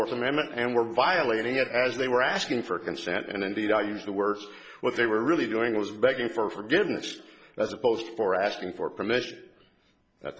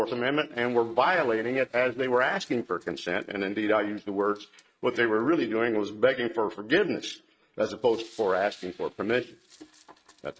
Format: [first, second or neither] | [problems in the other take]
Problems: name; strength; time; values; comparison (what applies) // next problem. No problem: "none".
first | noise reduction (neural mask model RNNoise)